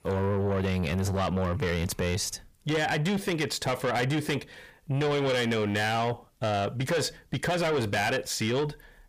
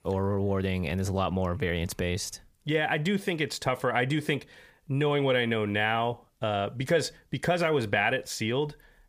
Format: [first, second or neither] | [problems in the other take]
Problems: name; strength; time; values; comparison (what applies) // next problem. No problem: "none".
second | distortion; heavy; 8 dB below the speech